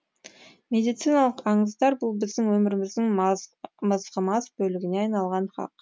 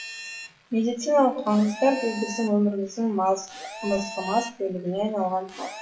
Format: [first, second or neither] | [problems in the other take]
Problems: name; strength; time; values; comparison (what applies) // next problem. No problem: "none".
first | noise reduction (classical method WPE with log-MMSE)